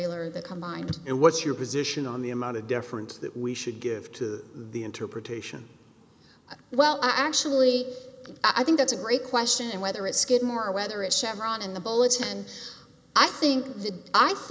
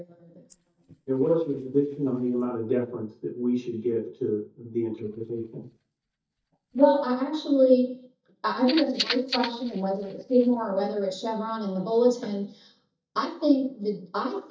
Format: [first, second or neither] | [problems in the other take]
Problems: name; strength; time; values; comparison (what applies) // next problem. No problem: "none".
first | noise reduction (neural mask model DeepFilterNet 3)